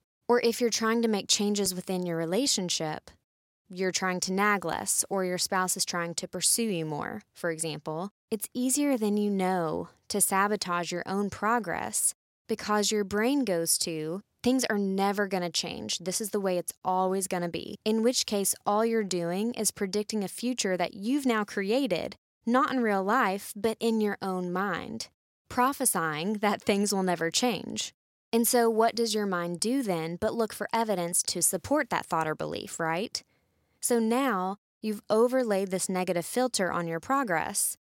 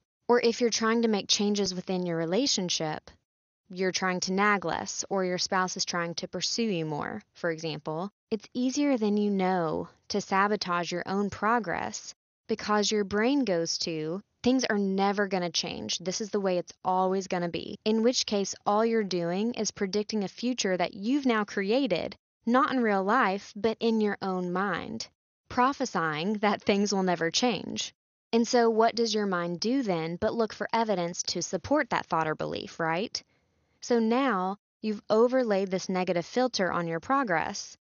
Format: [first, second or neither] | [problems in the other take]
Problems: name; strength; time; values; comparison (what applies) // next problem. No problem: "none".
first | garbled, watery; slightly; nothing above 6.5 kHz